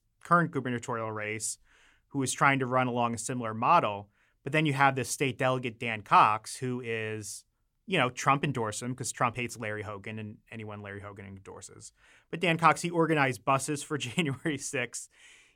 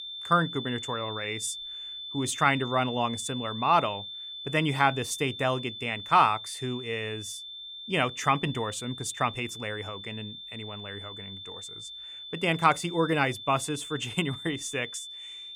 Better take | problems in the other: first | high-pitched whine; loud; throughout; 3.5 kHz, 10 dB below the speech

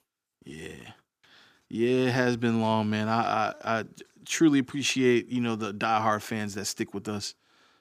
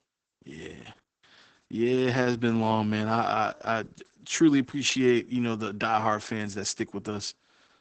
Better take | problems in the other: first | garbled, watery; badly; nothing above 7.5 kHz

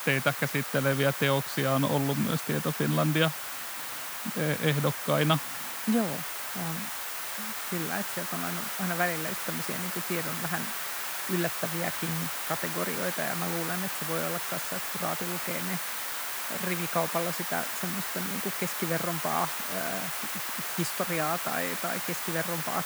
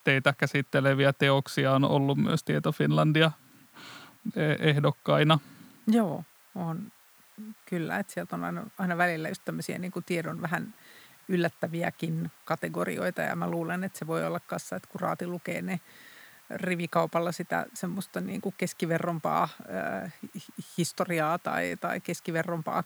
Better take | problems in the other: second | hiss; loud; throughout; as loud as the speech; faint in the second

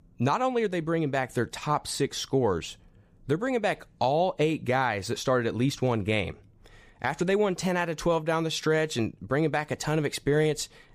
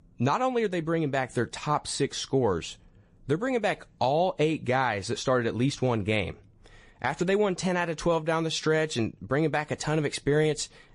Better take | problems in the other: first | garbled, watery; slightly; nothing above 10.5 kHz

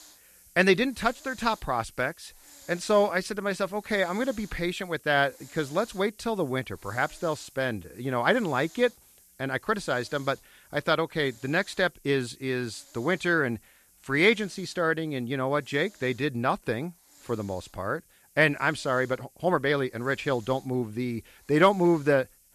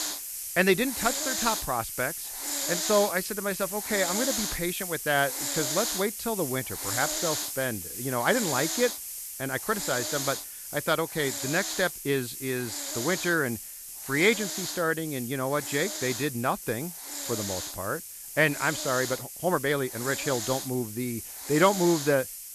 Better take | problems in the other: first | hiss; loud; throughout; 3 dB below the speech; faint in the first

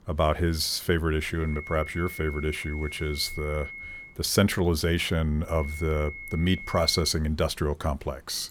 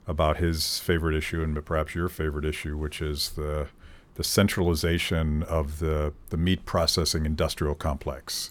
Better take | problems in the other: second | high-pitched whine; noticeable; from 1.5 to 4 s and from 5.5 to 7 s; 2 kHz, 10 dB below the speech

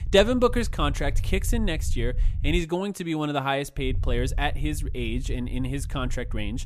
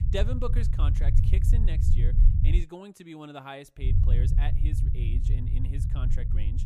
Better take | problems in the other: first | low rumble; loud; until 2.5 s and from 4 s on; 2 dB below the speech; faint in the first

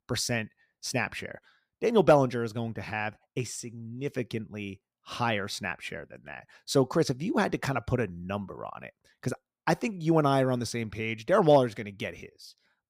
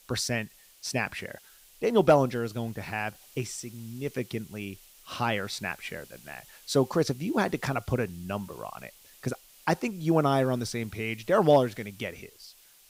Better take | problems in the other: first | hiss; faint; throughout; 25 dB below the speech

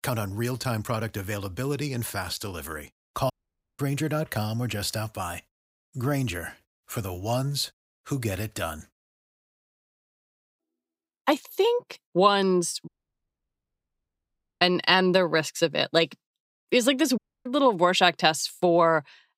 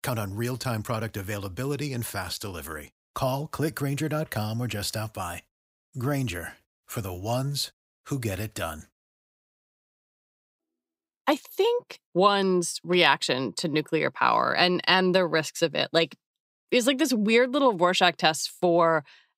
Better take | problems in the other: second | audio cutting out; at 3.5 s, at 13 s for 1.5 s and at 17 s

